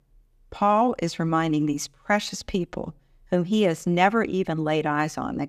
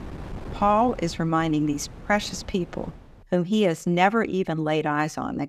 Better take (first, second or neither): first